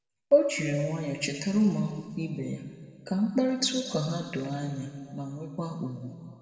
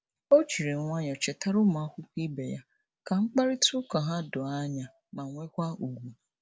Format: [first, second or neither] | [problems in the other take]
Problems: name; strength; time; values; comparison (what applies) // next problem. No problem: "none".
second | room echo; dies away in 2 s